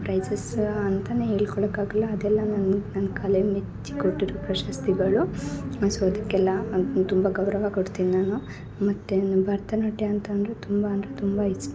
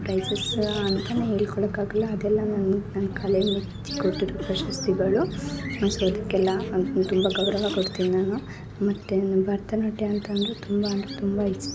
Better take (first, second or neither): first